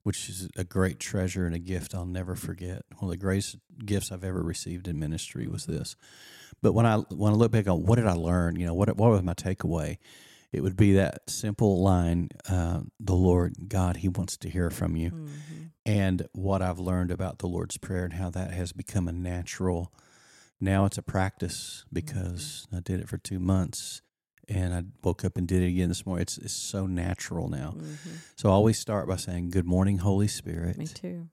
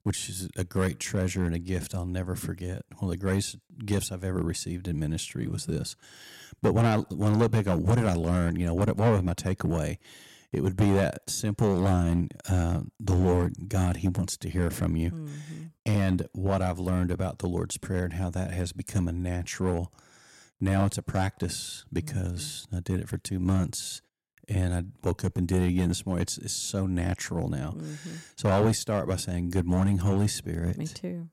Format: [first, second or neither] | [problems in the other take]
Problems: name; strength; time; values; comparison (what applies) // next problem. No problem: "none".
first | distortion; slight; 3% of the sound clipped